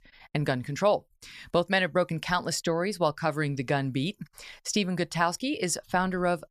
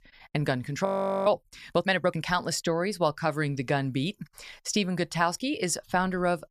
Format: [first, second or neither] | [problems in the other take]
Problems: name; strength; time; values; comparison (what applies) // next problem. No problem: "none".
first | audio freezing; at 1 s